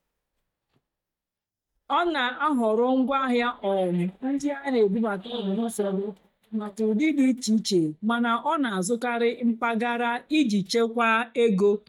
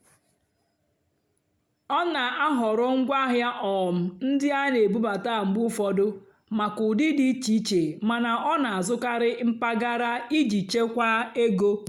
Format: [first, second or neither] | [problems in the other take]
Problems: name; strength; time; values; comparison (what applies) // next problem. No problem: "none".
second | noise reduction (neural mask model DeepFilterNet 3)